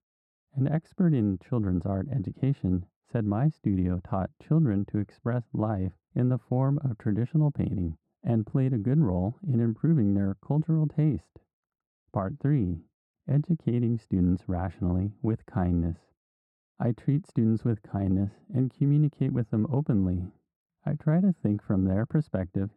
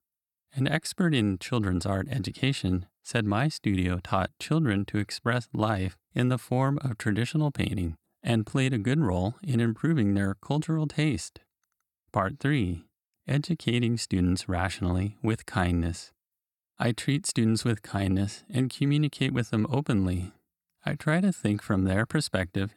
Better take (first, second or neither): second